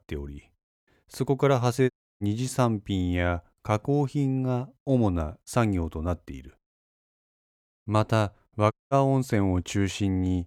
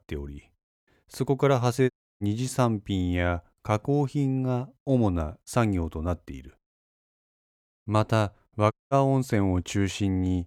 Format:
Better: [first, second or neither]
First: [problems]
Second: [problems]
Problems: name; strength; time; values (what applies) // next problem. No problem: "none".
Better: neither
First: audio cutting out; at 2 s and at 8.5 s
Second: audio cutting out; at 2 s and at 8.5 s